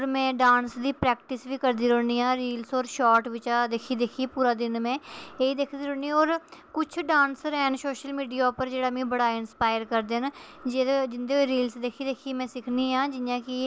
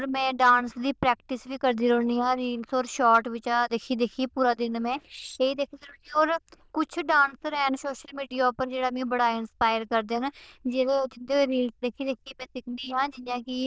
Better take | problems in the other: first | noise reduction (neural diffusion model UNIVERSE++)

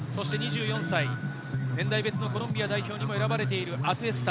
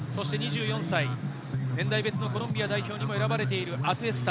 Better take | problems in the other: second | background sound (Doorbell); 19 dB below the speech

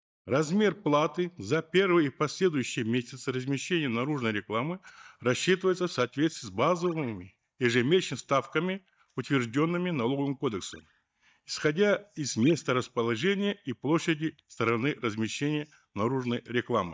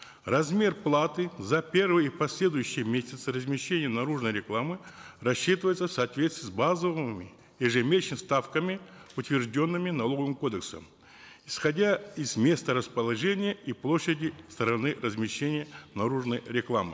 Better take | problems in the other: second | noise reduction (neural mask model DeepFilterNet 3)

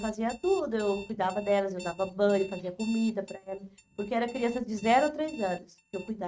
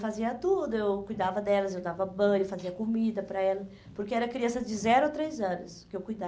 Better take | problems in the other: second | noise reduction (neural mask model RNNoise)

